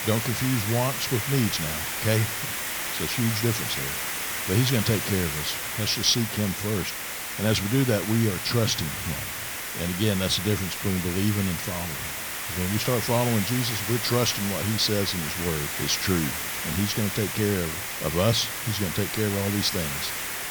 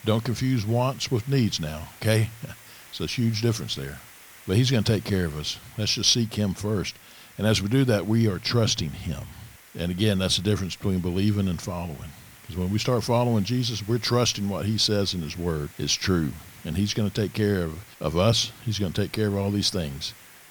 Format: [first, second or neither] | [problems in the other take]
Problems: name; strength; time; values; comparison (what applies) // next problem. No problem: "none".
second | hiss; loud; throughout; 2 dB below the speech; faint in the second